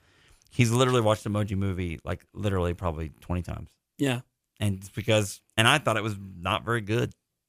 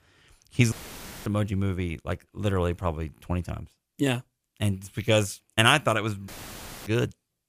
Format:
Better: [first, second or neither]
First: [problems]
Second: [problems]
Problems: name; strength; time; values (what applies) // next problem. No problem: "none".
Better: first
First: none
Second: audio cutting out; filled with static; at 0.5 s for 0.5 s and at 6.5 s for 0.5 s